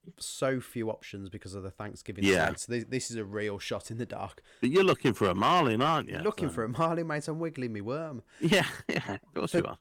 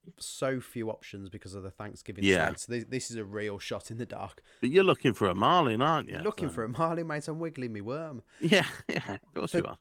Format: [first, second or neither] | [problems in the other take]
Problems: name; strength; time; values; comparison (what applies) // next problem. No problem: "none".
second | distortion; slight; 1.6% of the sound clipped